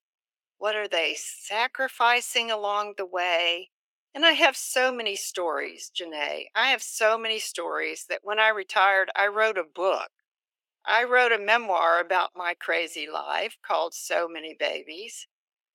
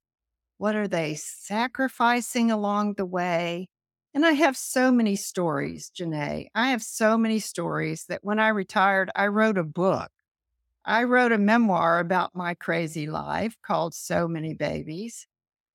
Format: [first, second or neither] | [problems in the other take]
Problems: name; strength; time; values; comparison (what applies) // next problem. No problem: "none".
second | thin; very; fading below 400 Hz